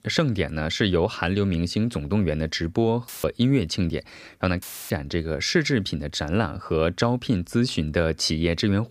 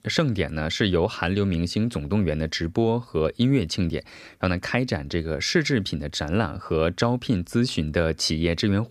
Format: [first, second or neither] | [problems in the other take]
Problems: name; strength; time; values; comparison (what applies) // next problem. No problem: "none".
second | audio cutting out; filled with static; at 3 s and at 4.5 s